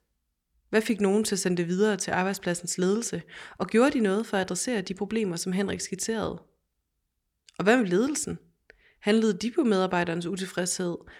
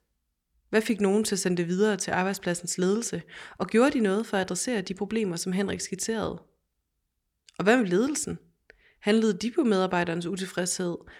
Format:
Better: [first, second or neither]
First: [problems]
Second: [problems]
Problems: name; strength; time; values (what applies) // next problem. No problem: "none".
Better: neither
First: none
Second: none